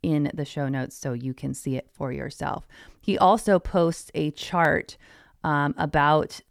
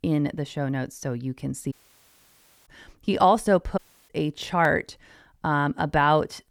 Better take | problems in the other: first | audio cutting out; at 1.5 s for 1 s and at 4 s

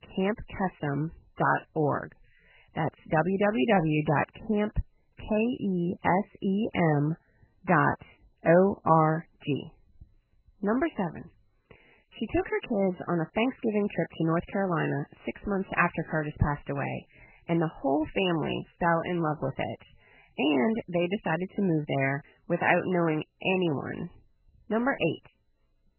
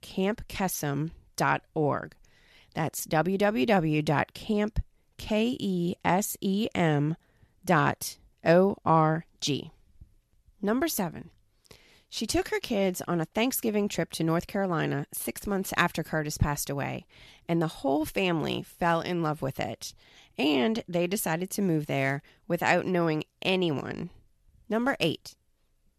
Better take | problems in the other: second | garbled, watery; badly; nothing above 3 kHz

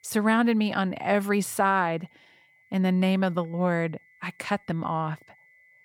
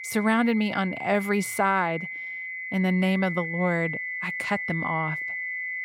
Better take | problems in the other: first | high-pitched whine; loud; throughout; 2 kHz, 5 dB below the speech; faint in the first

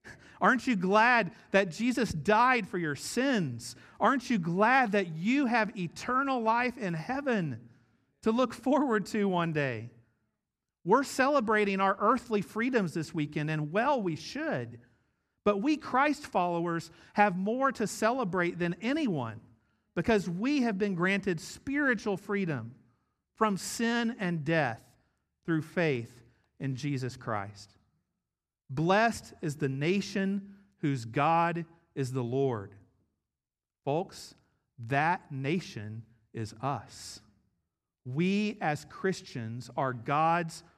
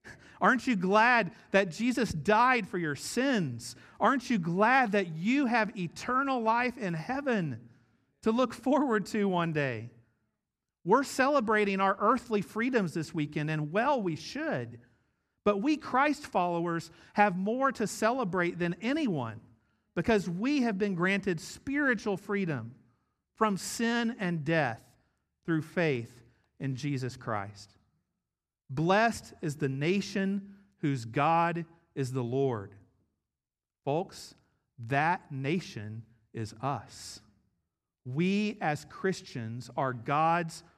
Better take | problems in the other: neither | none

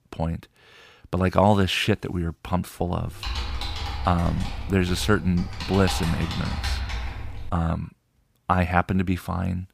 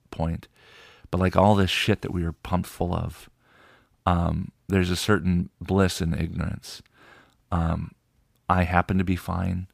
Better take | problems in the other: second | keyboard typing; noticeable; from 3 to 7.5 s; peak 4 dB below the speech

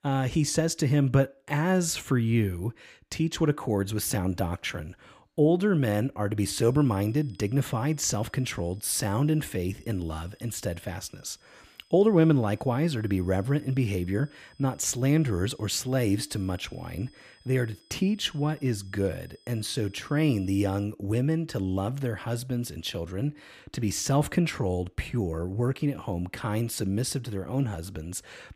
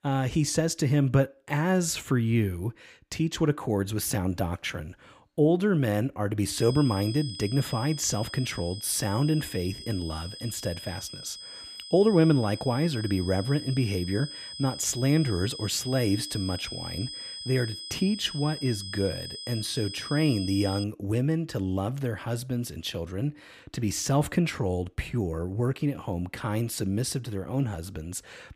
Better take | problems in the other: first | high-pitched whine; loud; from 6.5 to 21 s; 5 kHz, 10 dB below the speech; faint in the first

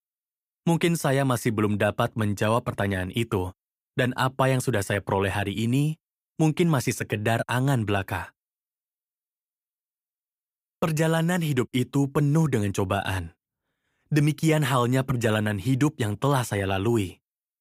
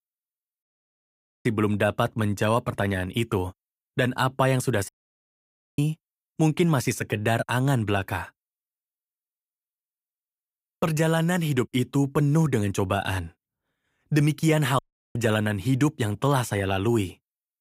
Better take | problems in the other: first | audio cutting out; at 0.5 s for 1 s, at 5 s for 1 s and at 15 s

